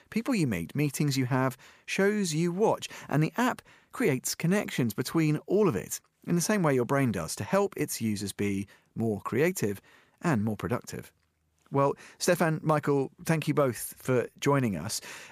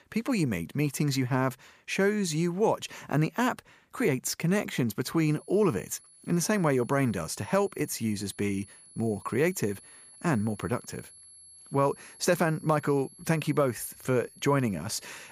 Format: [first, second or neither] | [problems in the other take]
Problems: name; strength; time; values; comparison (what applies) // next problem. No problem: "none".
first | high-pitched whine; faint; from 5.5 s on; 11 kHz, 20 dB below the speech